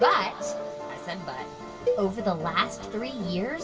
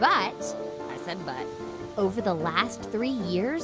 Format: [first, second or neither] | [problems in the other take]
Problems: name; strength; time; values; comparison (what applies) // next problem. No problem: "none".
second | background sound (Cowbell); 5 dB below the speech // room echo; dies away in 2.1 s